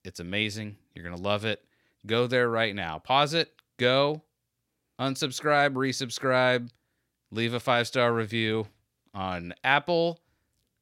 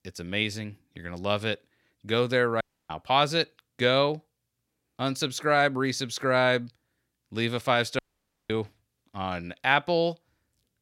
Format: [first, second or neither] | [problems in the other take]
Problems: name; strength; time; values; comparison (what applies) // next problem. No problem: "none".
first | audio cutting out; at 2.5 s and at 8 s for 0.5 s